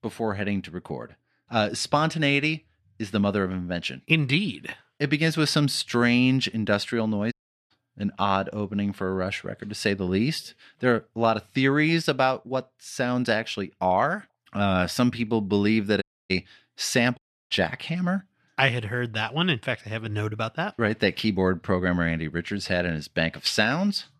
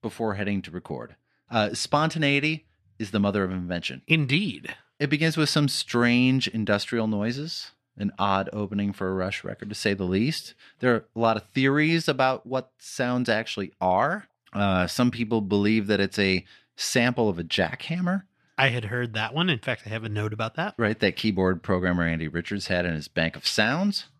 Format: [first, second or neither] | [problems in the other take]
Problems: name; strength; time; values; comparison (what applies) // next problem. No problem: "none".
second | audio cutting out; at 7.5 s, at 16 s and at 17 s